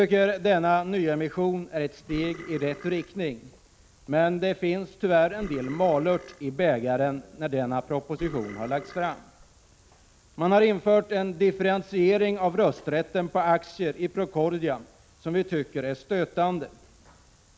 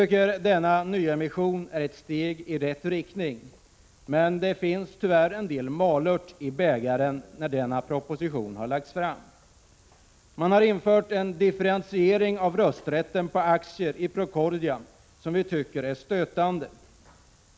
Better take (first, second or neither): second